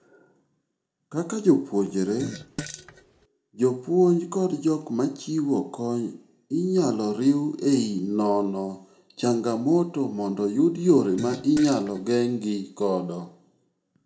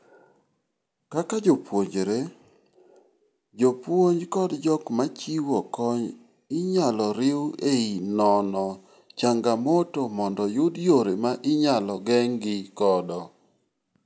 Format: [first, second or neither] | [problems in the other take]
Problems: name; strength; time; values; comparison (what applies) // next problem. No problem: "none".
second | background sound (Fart); 14 dB below the speech // room echo; dies away in 0.4 s